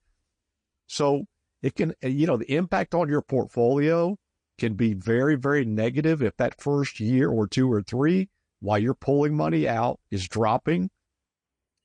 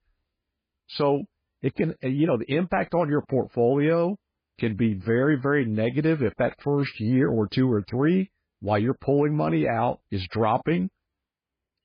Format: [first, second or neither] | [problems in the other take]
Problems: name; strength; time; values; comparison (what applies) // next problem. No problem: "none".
first | garbled, watery; badly; nothing above 5 kHz; slightly in the first